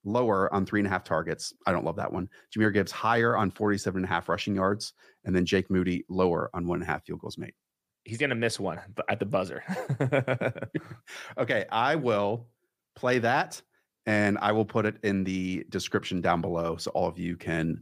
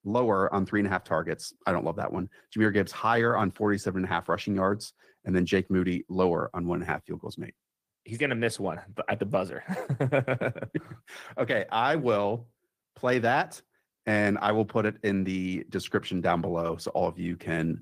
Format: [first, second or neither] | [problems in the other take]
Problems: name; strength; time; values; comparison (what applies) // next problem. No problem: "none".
first | garbled, watery; slightly; nothing above 15 kHz